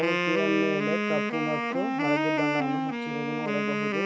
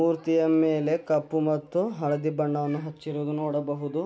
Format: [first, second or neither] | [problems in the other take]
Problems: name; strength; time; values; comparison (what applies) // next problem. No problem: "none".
second | background sound (Wind instrument, woodwind instrument); 3 dB above the speech